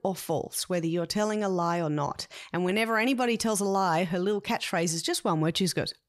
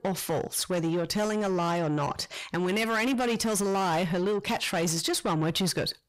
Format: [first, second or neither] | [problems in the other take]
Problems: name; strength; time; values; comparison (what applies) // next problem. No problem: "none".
first | distortion; slight; 10 dB below the speech